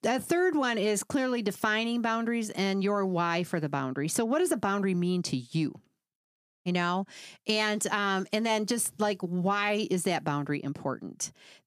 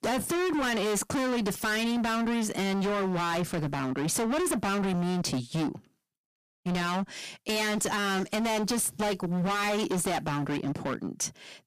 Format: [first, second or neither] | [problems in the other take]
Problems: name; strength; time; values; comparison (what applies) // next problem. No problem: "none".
first | distortion; heavy; 34% of the sound clipped